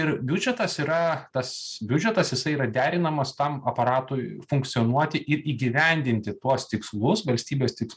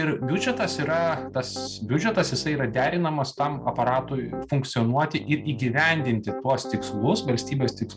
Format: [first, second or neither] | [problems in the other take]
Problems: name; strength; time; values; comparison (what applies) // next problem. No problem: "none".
first | background sound (Piano); 11 dB below the speech